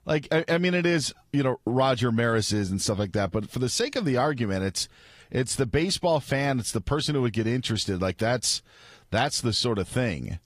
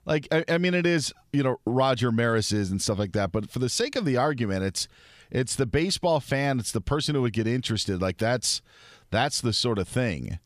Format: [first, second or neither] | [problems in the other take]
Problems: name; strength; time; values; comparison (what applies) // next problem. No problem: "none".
second | garbled, watery; slightly